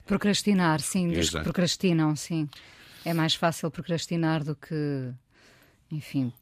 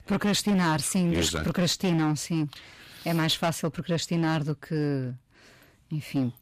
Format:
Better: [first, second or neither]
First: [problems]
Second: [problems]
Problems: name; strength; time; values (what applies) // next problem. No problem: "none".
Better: first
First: none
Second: distortion; slight; 12% of the sound clipped